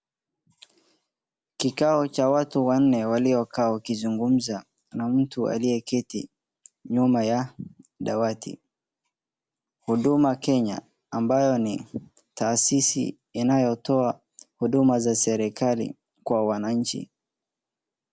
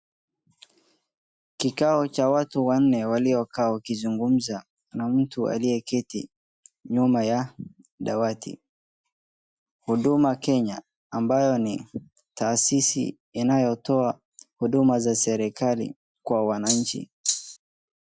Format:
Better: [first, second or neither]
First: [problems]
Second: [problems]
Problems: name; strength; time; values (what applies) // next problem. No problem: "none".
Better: first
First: none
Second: noise reduction (classical method Wiener filter)